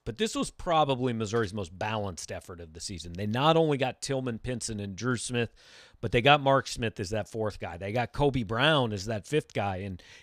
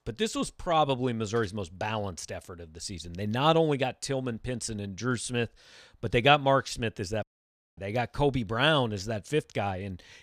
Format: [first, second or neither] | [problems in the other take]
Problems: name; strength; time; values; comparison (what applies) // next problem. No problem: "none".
first | audio cutting out; at 7 s for 0.5 s